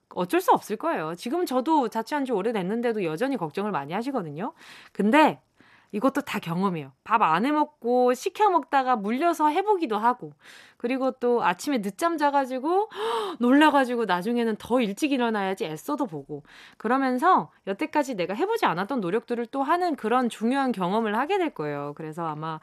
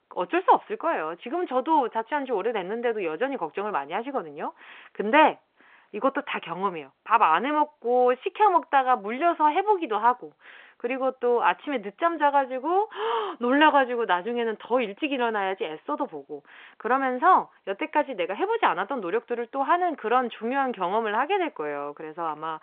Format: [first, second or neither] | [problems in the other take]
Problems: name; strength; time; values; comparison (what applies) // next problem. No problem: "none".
first | phone-call audio